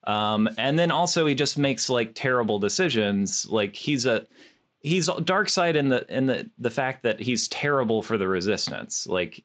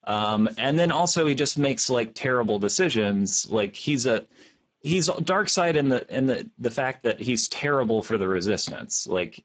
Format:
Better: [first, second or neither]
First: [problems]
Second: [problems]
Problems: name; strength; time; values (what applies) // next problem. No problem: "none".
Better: first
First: garbled, watery; slightly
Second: garbled, watery; badly; nothing above 7.5 kHz